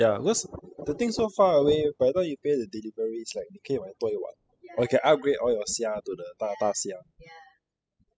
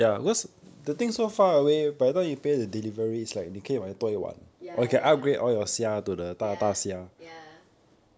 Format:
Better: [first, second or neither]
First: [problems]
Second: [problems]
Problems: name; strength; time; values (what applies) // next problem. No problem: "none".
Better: second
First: noise reduction (classical method spectral subtraction)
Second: none